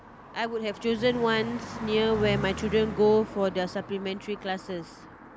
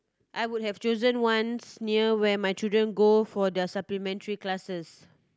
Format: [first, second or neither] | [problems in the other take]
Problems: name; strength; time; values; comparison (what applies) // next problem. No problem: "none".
second | background sound (Car passing by); 11 dB below the speech